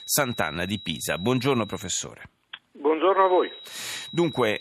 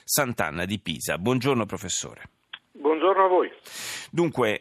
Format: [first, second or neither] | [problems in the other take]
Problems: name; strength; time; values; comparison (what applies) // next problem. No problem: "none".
second | high-pitched whine; noticeable; until 2 s and from 3 s on; 4 kHz, 15 dB below the speech